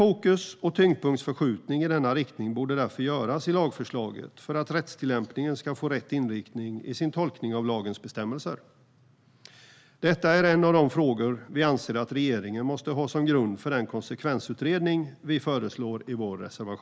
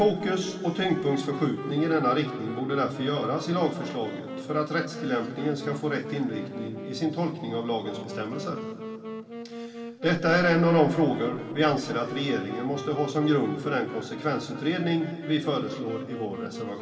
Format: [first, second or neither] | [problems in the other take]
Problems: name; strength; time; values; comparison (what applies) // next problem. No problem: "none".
first | background sound (Wind instrument, woodwind instrument); 12 dB below the speech // room echo; dies away in 2.7 s